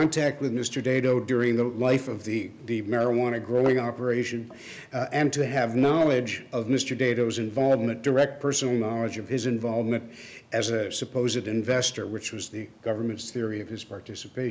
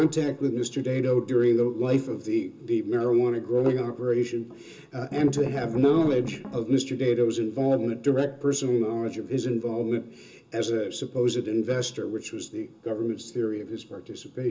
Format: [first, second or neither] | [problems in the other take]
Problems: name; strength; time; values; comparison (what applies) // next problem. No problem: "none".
first | background sound (Strum); 9 dB below the speech // room echo; dies away in 0.2 s